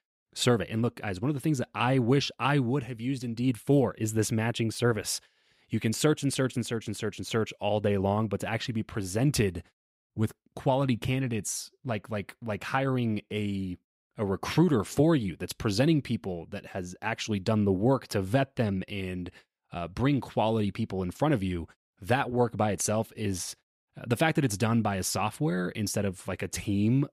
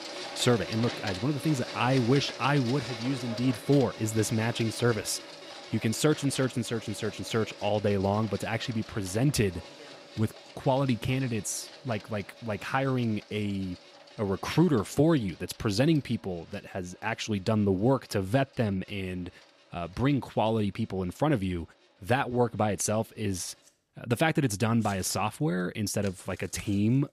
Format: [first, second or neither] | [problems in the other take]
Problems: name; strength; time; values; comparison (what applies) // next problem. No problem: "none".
first | household noises; noticeable; throughout; 15 dB below the speech